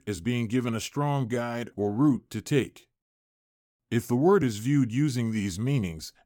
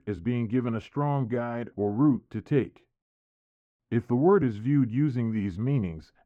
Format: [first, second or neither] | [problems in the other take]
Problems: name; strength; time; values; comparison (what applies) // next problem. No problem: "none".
first | muffled; very; fading above 4 kHz